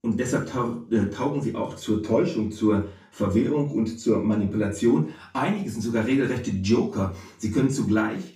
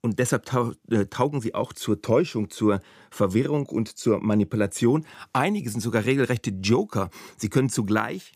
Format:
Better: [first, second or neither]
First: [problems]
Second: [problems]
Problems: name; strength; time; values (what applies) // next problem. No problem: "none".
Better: second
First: room echo; slight; dies away in 0.4 s // off-mic speech; far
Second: none